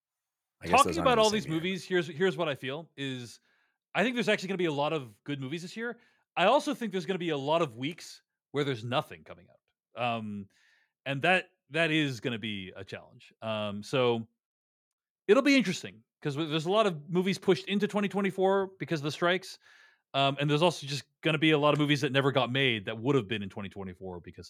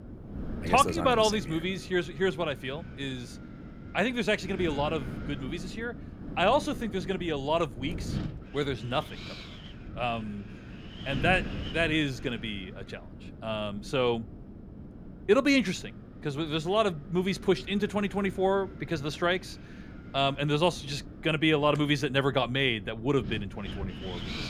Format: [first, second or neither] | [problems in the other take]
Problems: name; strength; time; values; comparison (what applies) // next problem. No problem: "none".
first | wind noise on the microphone; occasional gusts; 20 dB below the speech